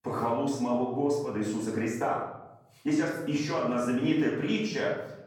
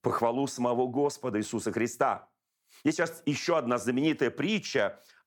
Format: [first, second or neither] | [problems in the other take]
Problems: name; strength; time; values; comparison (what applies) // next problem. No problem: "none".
second | off-mic speech; far // room echo; noticeable; dies away in 1 s